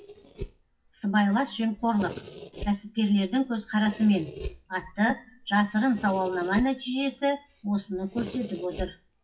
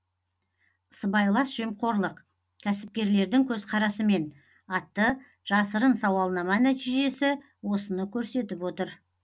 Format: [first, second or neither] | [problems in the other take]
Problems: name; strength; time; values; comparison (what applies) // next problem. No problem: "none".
second | noise reduction (classical method WPE with log-MMSE)